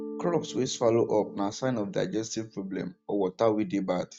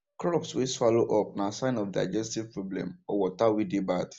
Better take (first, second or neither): second